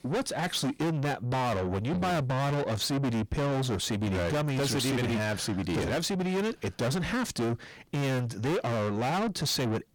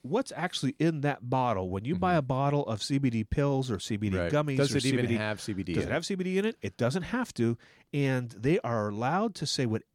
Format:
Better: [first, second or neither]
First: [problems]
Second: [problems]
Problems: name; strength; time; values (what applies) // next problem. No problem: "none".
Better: second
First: distortion; heavy; 6 dB below the speech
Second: none